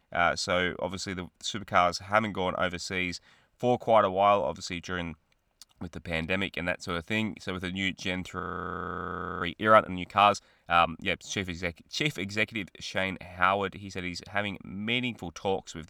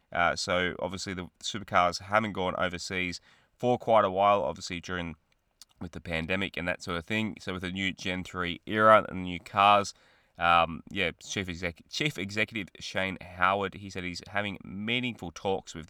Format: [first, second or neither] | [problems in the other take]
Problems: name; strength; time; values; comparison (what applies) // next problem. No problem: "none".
second | audio freezing; at 8.5 s for 1 s